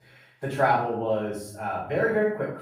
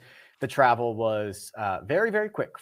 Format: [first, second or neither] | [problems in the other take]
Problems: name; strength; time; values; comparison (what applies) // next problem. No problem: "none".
second | room echo; noticeable; dies away in 0.6 s // off-mic speech; far